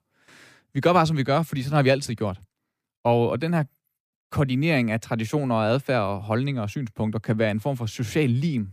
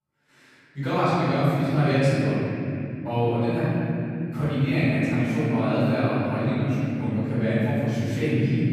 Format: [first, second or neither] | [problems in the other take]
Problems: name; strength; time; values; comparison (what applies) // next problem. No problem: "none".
first | room echo; strong; dies away in 3 s // off-mic speech; far